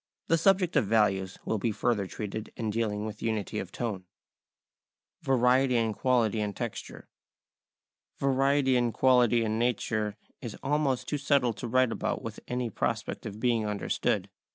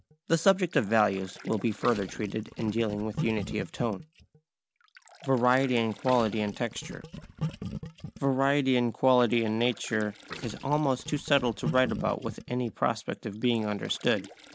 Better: first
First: none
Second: background sound (Gurgling); 13 dB below the speech

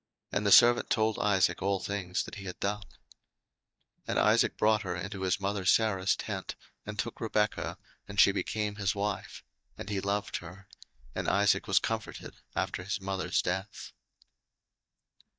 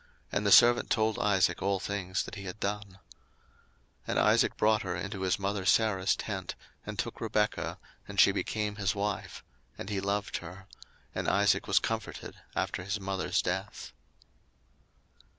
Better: second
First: noise reduction (neural mask model DeepFilterNet 3)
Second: none

